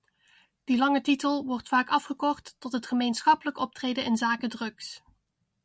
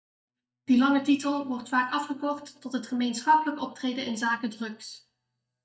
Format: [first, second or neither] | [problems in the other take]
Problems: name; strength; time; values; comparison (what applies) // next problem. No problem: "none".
first | noise reduction (neural mask model DeepFilterNet 3)